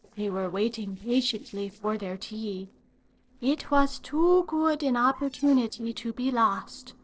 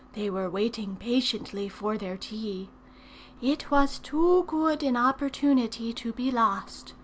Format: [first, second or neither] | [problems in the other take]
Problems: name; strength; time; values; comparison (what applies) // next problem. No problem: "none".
second | noise reduction (neural separator model SepFormer DNS4)